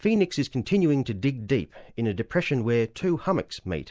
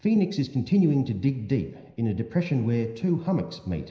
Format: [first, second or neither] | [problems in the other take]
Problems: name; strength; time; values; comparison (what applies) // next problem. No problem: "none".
first | room echo; dies away in 0.9 s